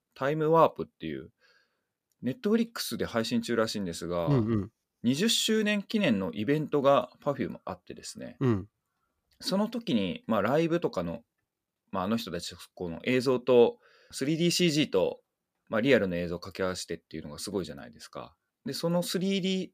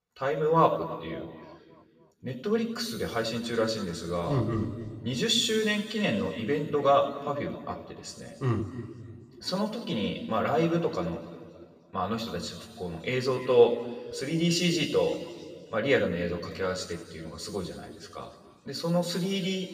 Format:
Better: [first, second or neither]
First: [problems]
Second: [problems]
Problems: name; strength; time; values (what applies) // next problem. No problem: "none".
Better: first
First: none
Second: room echo; noticeable; dies away in 2.1 s // off-mic speech; far